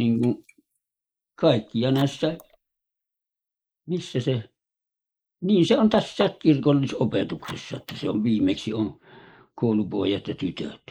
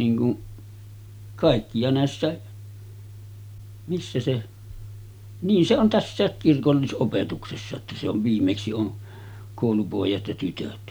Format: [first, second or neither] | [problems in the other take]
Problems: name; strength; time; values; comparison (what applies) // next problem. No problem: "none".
second | noise reduction (neural mask model Resemble Enhance denoiser)